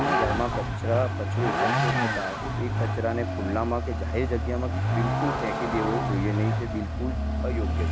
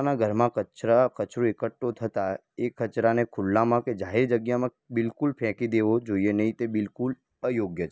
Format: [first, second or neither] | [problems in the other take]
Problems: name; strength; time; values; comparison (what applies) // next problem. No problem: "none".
second | background sound (Vehicle); 4 dB above the speech